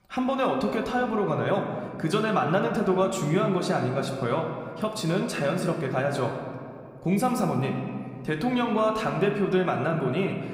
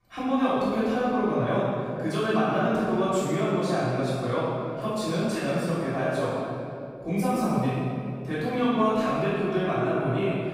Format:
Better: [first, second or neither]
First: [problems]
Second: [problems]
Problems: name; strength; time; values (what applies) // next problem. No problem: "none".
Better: first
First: room echo; slight; dies away in 1.8 s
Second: room echo; strong; dies away in 2.3 s // off-mic speech; far